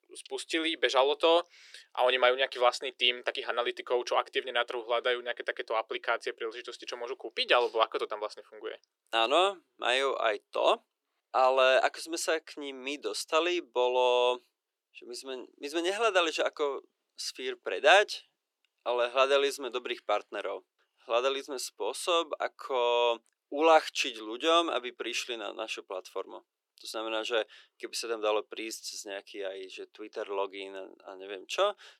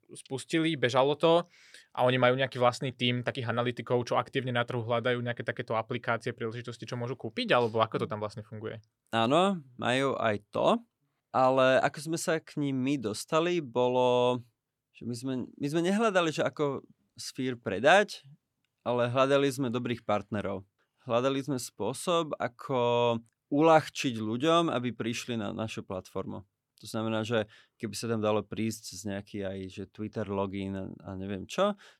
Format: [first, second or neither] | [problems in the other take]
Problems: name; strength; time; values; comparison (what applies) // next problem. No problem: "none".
second | thin; very; fading below 350 Hz